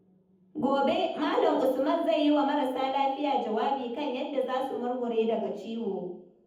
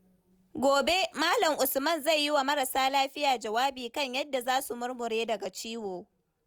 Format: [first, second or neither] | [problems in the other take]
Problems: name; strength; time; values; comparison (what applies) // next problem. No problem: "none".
second | room echo; dies away in 0.8 s